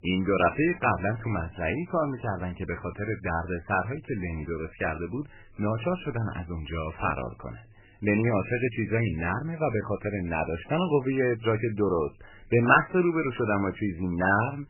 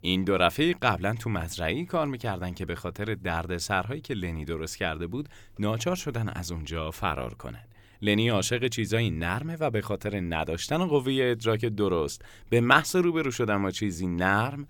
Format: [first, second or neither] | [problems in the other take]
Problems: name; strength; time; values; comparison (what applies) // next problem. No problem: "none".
second | garbled, watery; badly; nothing above 3 kHz